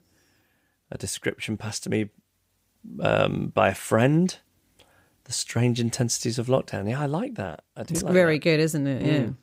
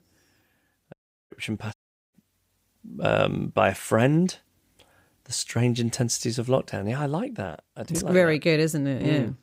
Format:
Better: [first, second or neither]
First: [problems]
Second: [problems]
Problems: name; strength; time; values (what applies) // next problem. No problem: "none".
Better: first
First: none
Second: audio cutting out; at 1 s and at 1.5 s